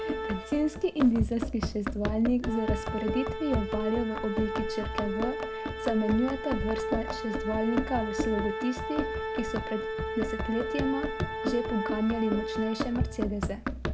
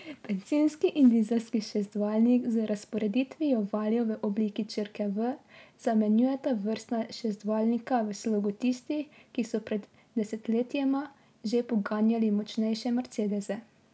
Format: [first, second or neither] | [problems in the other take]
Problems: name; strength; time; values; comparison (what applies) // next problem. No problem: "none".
second | background sound (Run + Organ); 1 dB below the speech